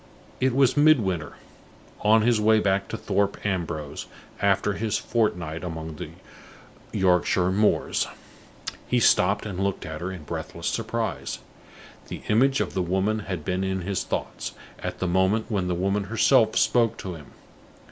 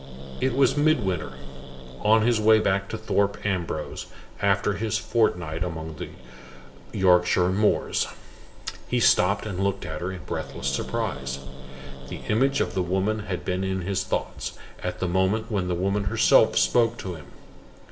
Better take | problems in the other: first | background sound (Growling); 11 dB below the speech // room echo; dies away in 0.5 s

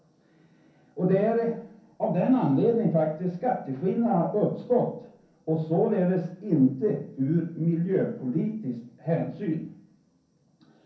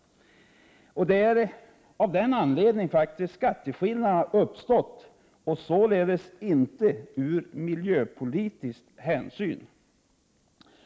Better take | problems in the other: second | room echo; dies away in 0.6 s

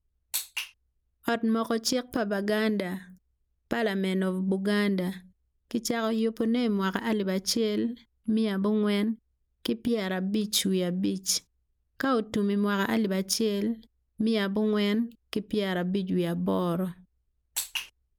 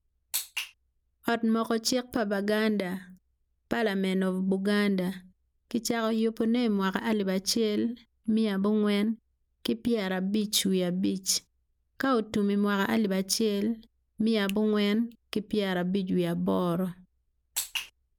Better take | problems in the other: first | background sound (Finger snapping); 20 dB below the speech

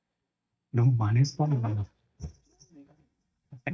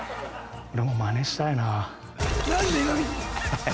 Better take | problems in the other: second | noise reduction (neural mask model DeepFilterNet 3)

